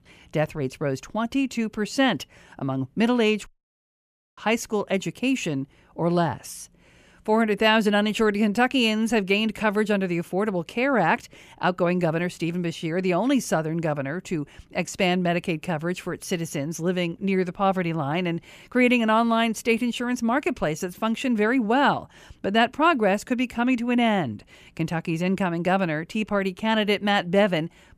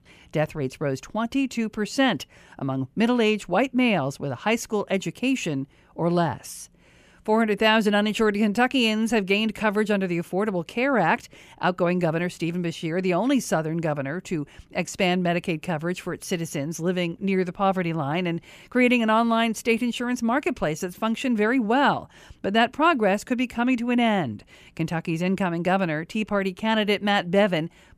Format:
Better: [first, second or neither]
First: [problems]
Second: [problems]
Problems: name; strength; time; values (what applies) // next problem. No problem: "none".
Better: second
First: audio cutting out; at 3.5 s for 1 s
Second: none